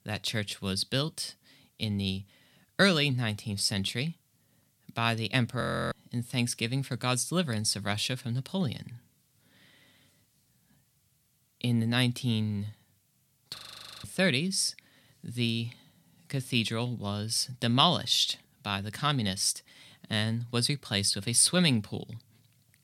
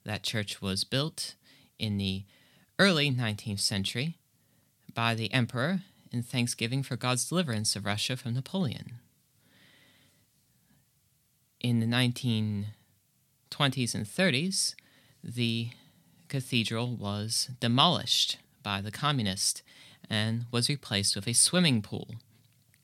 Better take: second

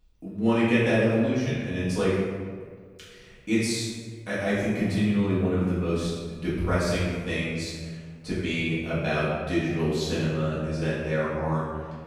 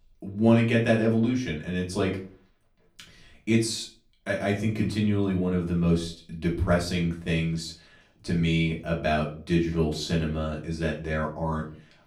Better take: second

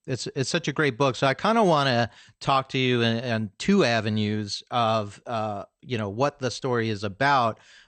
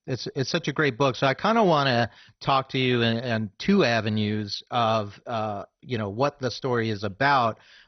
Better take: first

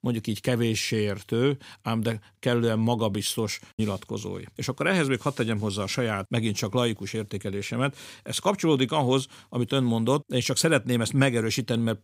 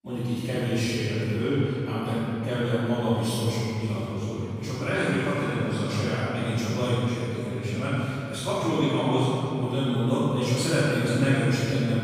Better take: first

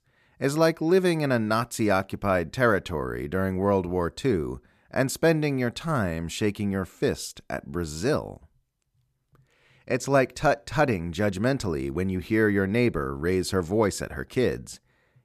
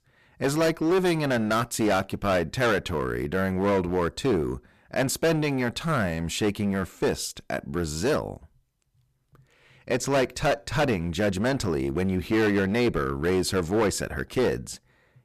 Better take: first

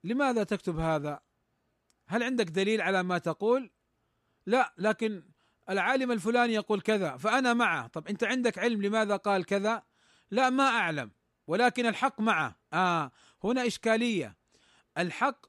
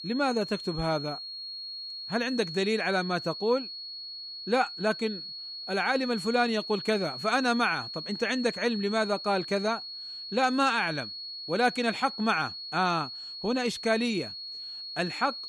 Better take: first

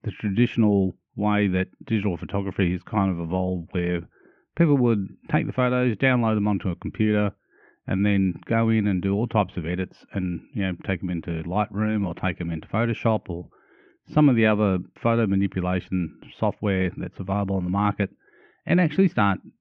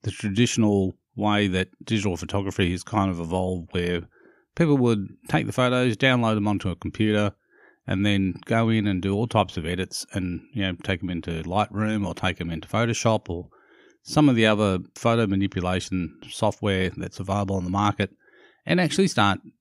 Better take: second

